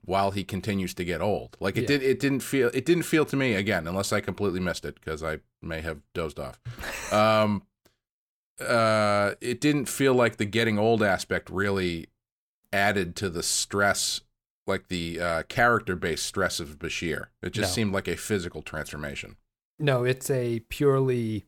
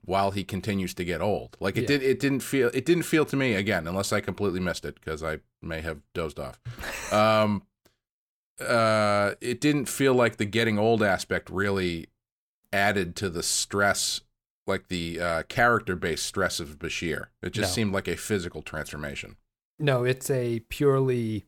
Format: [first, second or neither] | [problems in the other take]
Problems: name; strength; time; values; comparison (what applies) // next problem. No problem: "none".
neither | none